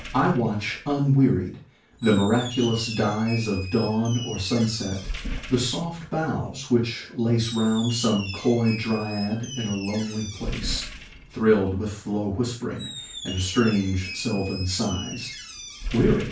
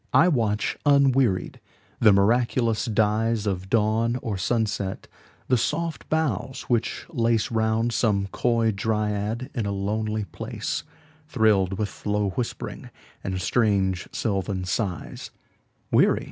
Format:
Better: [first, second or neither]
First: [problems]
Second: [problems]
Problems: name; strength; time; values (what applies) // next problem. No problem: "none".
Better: second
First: background sound (Squeak); 12 dB below the speech // room echo; dies away in 0.3 s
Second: none